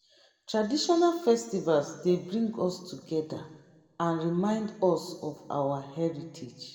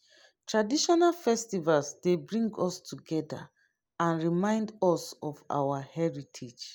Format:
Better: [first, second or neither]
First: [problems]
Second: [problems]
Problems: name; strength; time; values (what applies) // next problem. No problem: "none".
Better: second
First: room echo; dies away in 1.1 s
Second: none